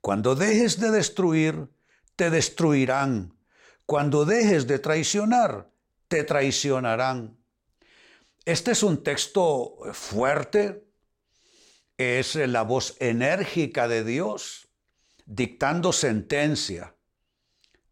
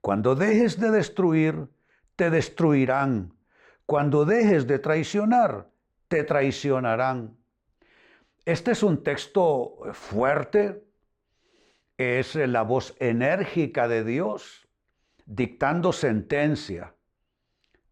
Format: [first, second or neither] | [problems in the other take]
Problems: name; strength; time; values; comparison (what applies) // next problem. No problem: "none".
first | muffled; slightly; fading above 3.5 kHz